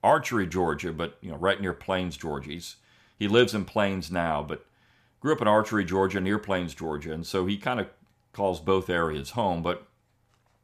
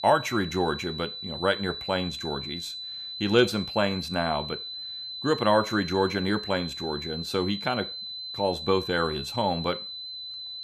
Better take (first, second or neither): first